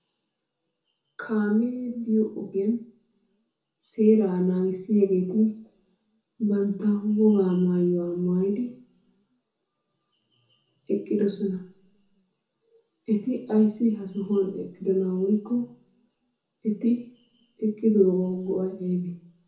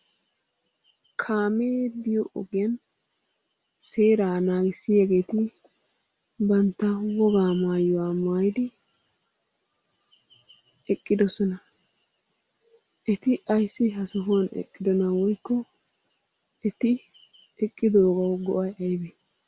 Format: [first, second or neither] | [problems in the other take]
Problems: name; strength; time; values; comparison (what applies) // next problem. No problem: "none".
second | room echo; dies away in 0.5 s